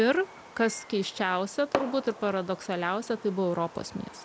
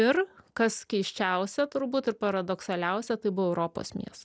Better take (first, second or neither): second